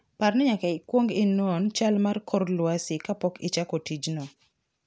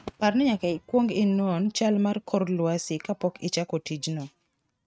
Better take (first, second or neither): first